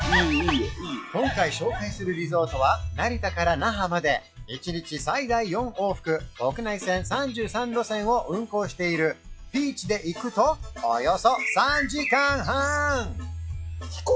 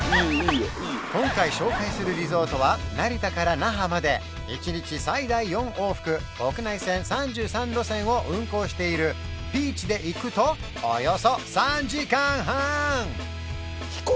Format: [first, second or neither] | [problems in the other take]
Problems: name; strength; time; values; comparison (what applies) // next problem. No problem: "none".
second | noise reduction (classical method log-MMSE)